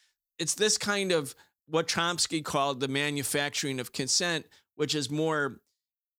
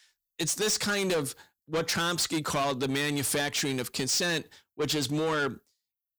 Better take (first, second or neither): first